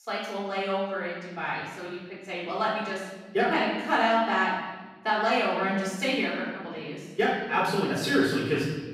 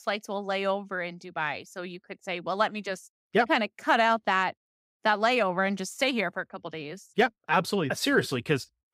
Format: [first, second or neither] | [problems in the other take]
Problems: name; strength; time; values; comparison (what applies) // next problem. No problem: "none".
second | off-mic speech; far // room echo; noticeable; dies away in 1.3 s